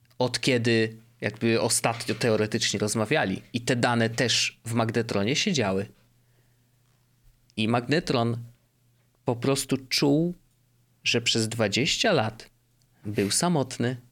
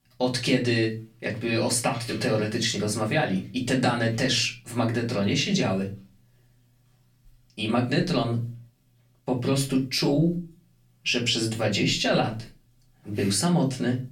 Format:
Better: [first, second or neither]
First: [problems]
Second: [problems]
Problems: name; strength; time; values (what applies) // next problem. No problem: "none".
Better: first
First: none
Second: off-mic speech; far // room echo; very slight; dies away in 0.3 s